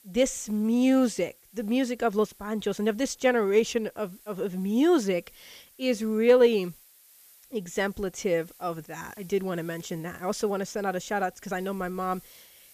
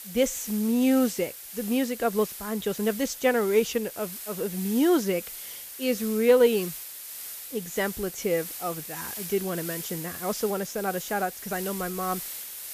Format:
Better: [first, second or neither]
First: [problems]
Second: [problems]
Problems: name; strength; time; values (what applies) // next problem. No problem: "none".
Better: first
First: hiss; faint; throughout; 25 dB below the speech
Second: hiss; loud; throughout; 9 dB below the speech